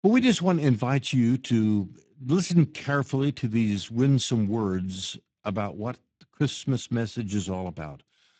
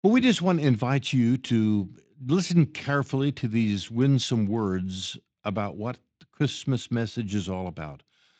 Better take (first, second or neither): second